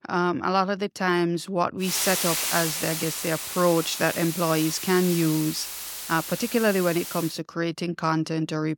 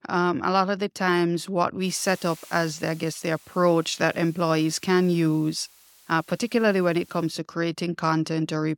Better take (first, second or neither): second